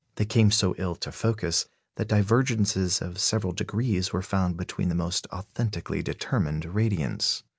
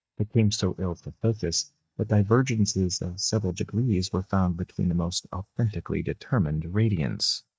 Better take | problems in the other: first | noise reduction (neural mask model DeepFilterNet 3)

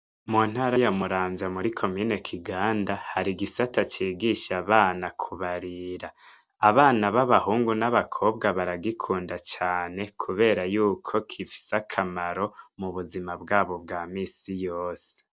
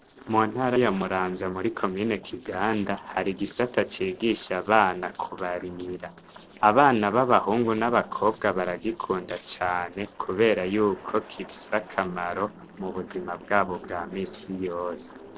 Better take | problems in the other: first | noise reduction (neural separator model SepFormer DNS4)

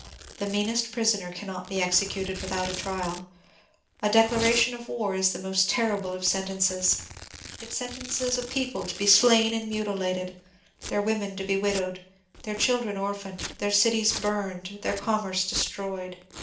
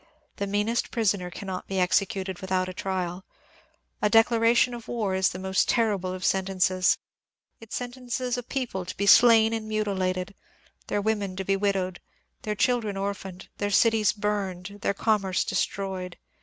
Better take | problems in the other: second | background sound (Domestic sounds, home sounds); 14 dB below the speech // room echo; dies away in 0.4 s

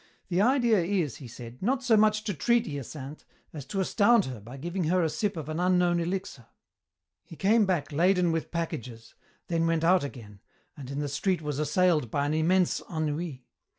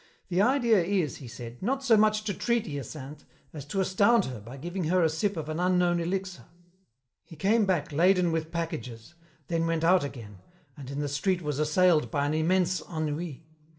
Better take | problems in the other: first | room echo; dies away in 0.4 s

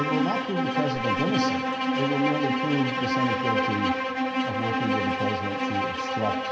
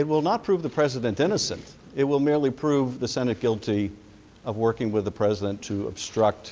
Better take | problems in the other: second | background sound (Bowed string instrument); 4 dB above the speech // room echo; dies away in 0.9 s

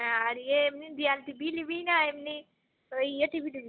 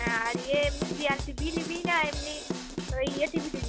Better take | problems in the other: first | background sound (Drum / Drum kit); 3 dB below the speech

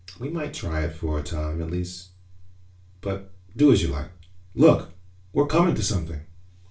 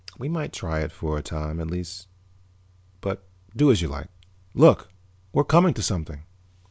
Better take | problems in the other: second | room echo; dies away in 0.3 s

